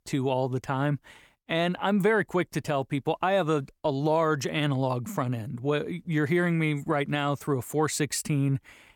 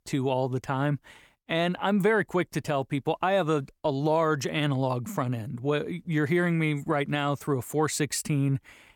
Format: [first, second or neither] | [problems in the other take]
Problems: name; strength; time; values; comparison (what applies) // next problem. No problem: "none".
neither | none